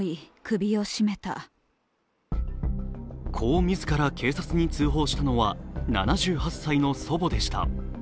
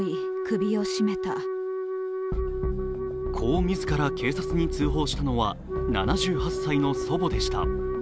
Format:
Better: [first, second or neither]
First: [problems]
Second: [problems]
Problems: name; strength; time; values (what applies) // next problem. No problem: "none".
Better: first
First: none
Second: background sound (Wind instrument, woodwind instrument); 3 dB below the speech